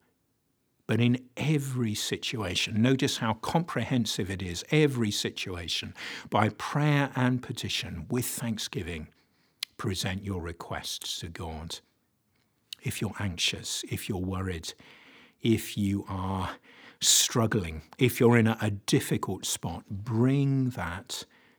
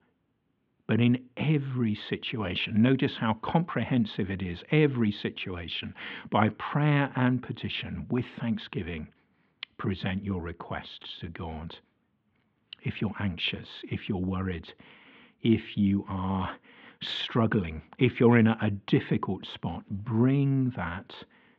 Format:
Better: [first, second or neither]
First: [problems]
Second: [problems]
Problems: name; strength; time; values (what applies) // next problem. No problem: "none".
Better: first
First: none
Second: muffled; very; fading above 3 kHz